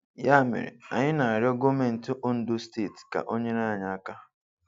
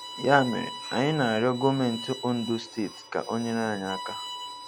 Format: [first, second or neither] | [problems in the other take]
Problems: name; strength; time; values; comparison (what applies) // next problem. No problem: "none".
first | background sound (Bowed string instrument); 12 dB below the speech